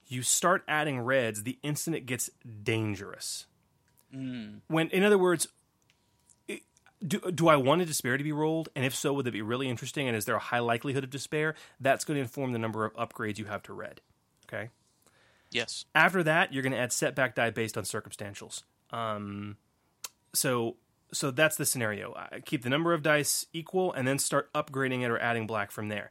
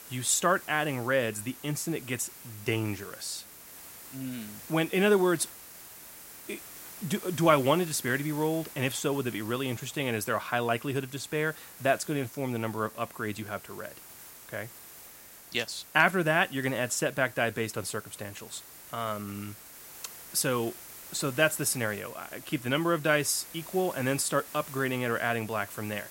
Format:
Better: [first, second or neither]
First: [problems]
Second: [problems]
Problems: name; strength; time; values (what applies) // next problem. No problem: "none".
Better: first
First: none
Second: hiss; noticeable; throughout; 15 dB below the speech